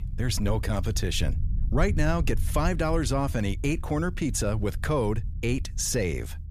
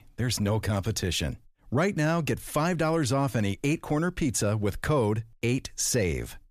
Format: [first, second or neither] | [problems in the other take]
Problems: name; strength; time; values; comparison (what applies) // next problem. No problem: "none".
second | low rumble; faint; throughout; 20 dB below the speech